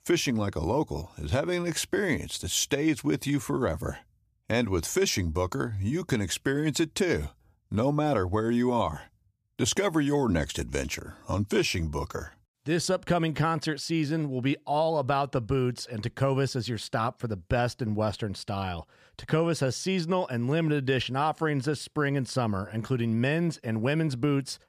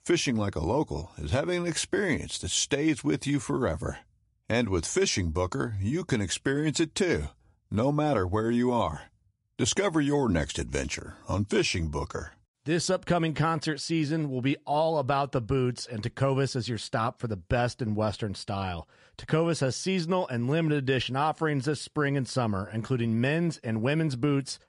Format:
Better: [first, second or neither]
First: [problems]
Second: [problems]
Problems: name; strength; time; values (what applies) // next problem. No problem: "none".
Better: first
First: none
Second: garbled, watery; slightly; nothing above 11 kHz